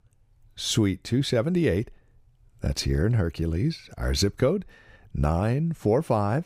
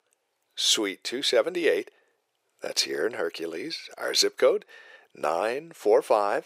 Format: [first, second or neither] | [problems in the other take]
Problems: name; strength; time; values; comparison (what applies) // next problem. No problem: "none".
first | thin; very; fading below 400 Hz